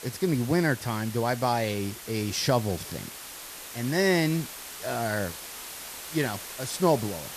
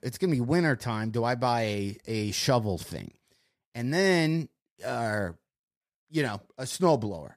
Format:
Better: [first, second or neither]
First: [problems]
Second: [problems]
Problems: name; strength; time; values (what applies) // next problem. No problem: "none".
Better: second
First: hiss; noticeable; throughout; 10 dB below the speech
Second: none